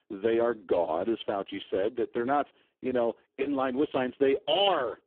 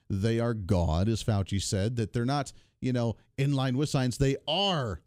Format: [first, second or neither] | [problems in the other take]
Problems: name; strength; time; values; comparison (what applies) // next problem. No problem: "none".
second | phone-call audio; poor line; nothing above 3 kHz